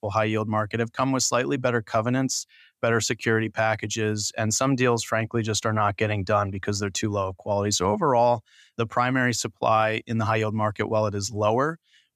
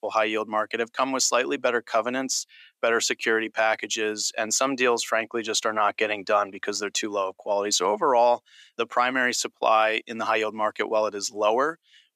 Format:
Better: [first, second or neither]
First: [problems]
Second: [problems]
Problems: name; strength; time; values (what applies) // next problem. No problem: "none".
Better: first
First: none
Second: thin; somewhat; fading below 300 Hz